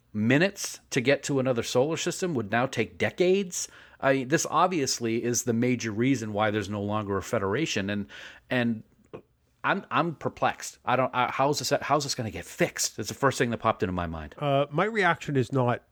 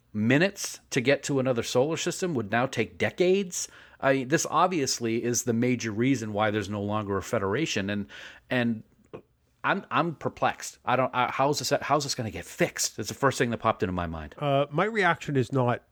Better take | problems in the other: neither | none

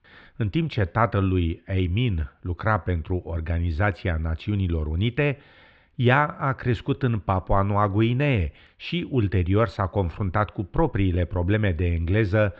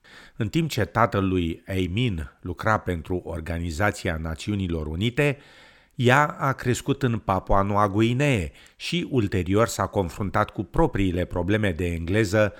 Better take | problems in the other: second | muffled; slightly; fading above 3.5 kHz

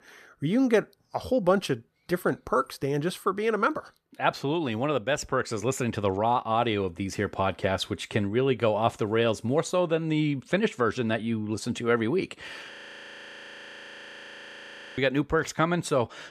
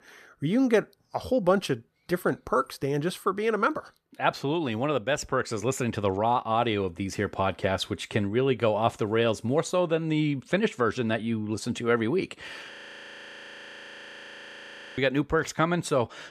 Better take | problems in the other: neither | audio freezing; at 13 s for 2.5 s; the same in both

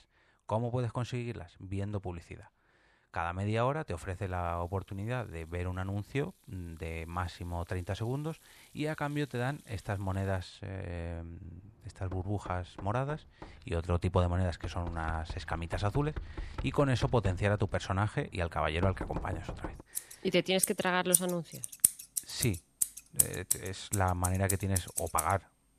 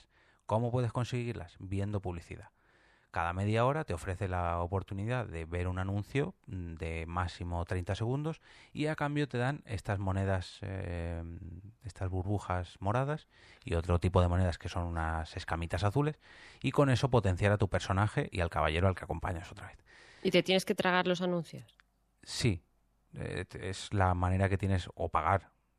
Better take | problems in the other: second | household noises; loud; throughout; as loud as the speech

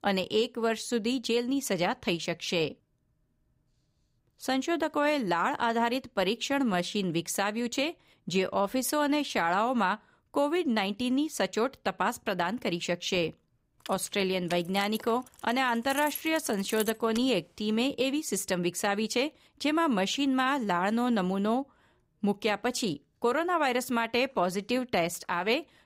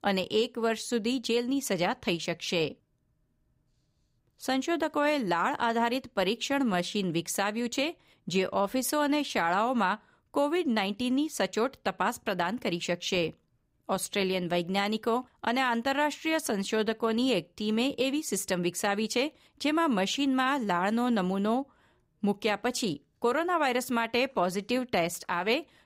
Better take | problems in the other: second | jangling keys; noticeable; from 14 to 17 s; peak 9 dB below the speech

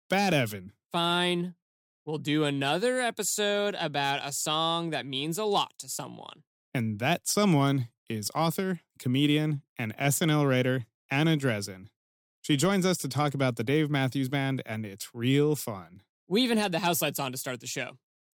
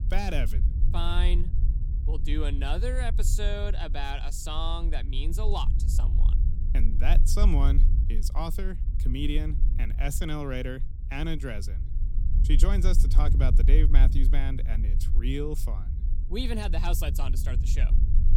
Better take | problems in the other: first | low rumble; noticeable; throughout; 10 dB below the speech

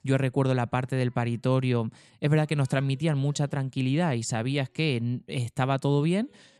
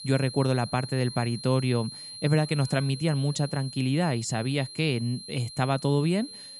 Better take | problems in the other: first | high-pitched whine; noticeable; throughout; 4 kHz, 10 dB below the speech

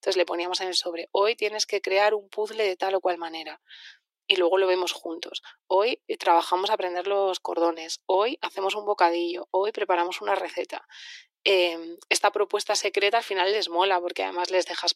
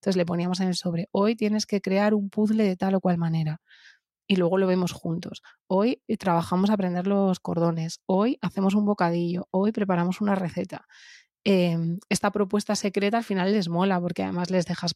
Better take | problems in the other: second | thin; very; fading below 350 Hz

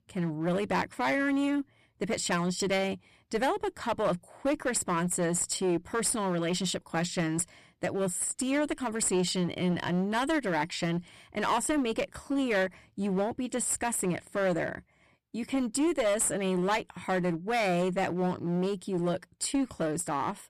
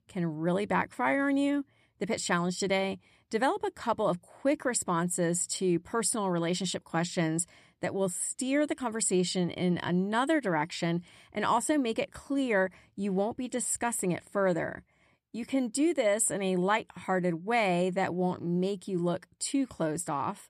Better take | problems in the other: second | distortion; slight; 10% of the sound clipped

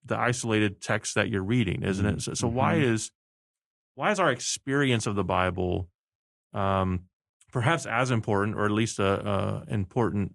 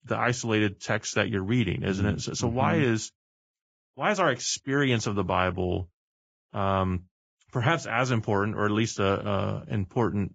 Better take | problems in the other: first | garbled, watery; badly; nothing above 7.5 kHz; slightly in the first

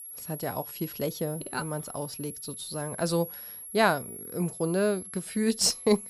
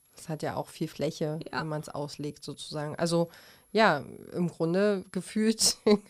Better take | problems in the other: second | high-pitched whine; loud; throughout; 11 kHz, 10 dB below the speech; faint in the second

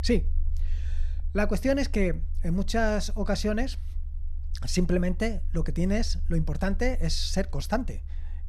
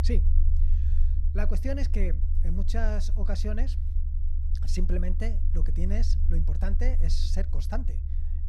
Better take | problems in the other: first | low rumble; loud; throughout; 9 dB below the speech; faint in the first

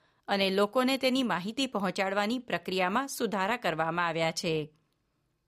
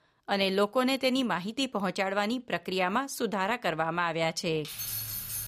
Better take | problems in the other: first | jangling keys; noticeable; at 4.5 s; peak 3 dB below the speech

